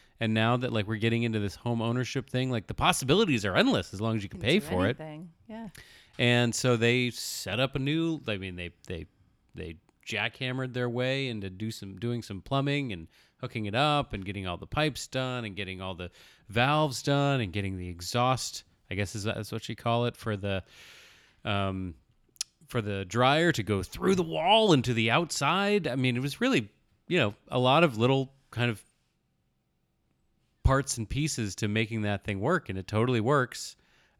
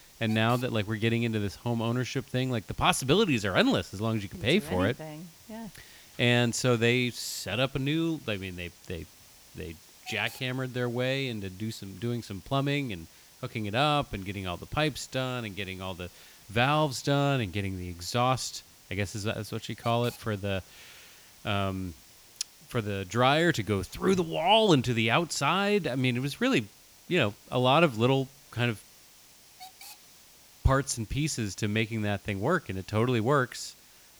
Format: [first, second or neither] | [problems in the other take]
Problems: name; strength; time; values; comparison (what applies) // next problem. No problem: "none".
first | hiss; faint; throughout; 25 dB below the speech